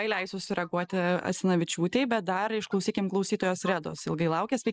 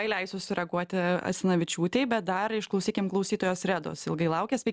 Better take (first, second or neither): second